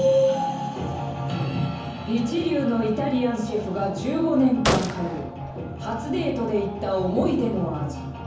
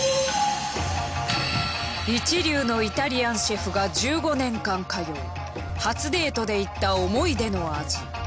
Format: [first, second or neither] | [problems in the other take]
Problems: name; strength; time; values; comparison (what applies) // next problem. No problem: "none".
second | background sound (Gunshot, gunfire); 7 dB below the speech // room echo; dies away in 0.7 s